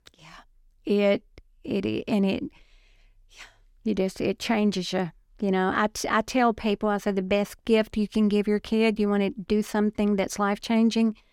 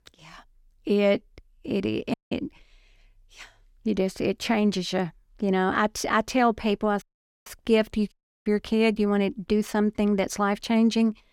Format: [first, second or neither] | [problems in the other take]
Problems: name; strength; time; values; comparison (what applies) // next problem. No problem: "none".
first | audio cutting out; at 2 s, at 7 s and at 8 s